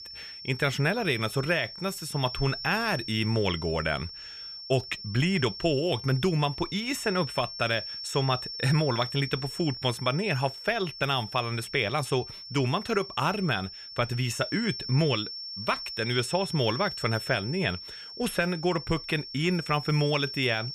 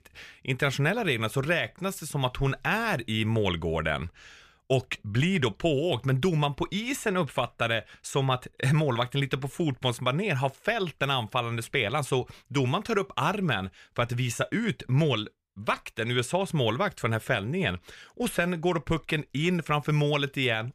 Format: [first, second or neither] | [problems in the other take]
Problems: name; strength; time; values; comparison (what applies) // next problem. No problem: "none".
second | high-pitched whine; loud; throughout; 5.5 kHz, 9 dB below the speech